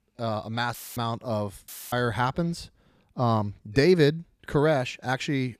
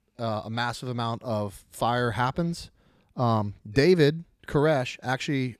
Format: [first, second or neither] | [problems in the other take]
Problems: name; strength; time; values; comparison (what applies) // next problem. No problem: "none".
second | audio cutting out; filled with static; at 0.5 s and at 1.5 s